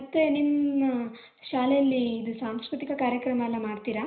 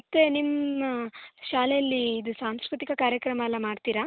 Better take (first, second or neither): second